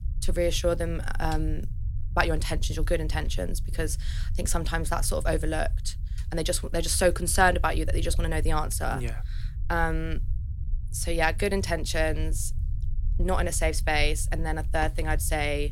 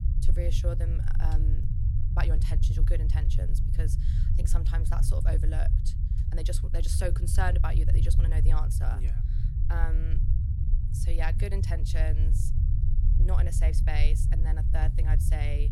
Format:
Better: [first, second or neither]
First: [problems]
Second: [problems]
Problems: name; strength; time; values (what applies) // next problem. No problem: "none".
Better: first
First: low rumble; faint; throughout; 25 dB below the speech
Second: low rumble; loud; throughout; 5 dB below the speech